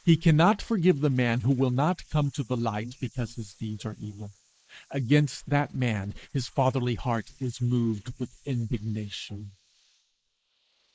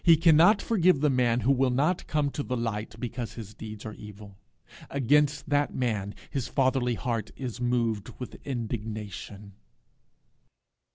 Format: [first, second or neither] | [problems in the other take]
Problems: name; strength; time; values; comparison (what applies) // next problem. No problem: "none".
second | noise reduction (neural mask model Resemble Enhance denoiser)